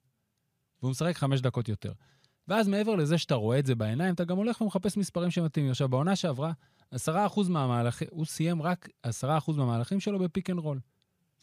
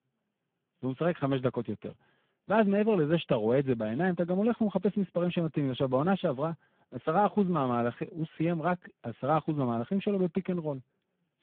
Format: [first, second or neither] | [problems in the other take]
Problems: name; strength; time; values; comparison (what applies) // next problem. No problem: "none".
first | phone-call audio; poor line